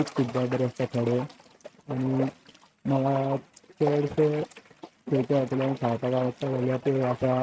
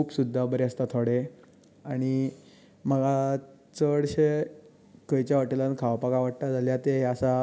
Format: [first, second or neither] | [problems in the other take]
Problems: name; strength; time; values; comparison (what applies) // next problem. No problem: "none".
second | noise reduction (neural mask model RNNoise)